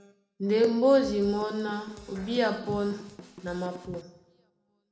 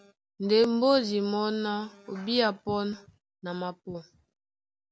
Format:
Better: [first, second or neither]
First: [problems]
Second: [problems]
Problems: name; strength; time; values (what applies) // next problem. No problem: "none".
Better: second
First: background sound (Drum / Drum kit); 19 dB below the speech // room echo; dies away in 0.8 s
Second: none